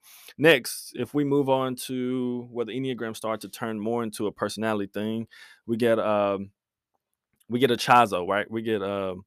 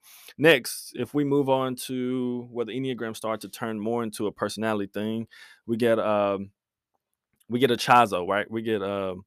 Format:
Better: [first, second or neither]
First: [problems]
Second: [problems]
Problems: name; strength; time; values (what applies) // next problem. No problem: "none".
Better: neither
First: none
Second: none